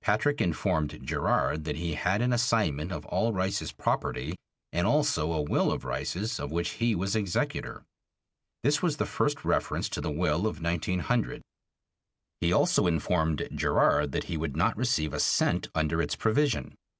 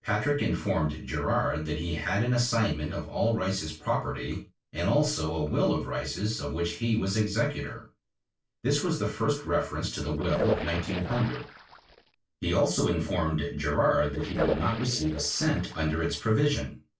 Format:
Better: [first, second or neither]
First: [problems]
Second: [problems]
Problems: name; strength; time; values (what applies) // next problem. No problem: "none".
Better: first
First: none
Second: noise reduction (neural separator model SepFormer DNS4)